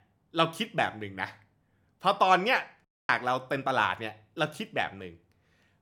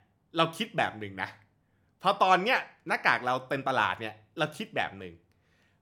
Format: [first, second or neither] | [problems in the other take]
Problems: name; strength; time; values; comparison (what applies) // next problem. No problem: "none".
second | audio cutting out; at 3 s